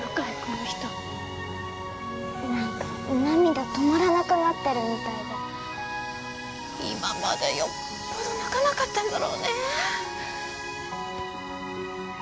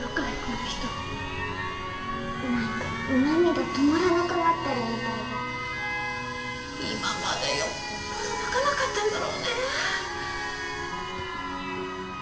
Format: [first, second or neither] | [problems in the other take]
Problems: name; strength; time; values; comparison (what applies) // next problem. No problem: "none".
first | background sound (Alarm); 10 dB below the speech // room echo; dies away in 0.9 s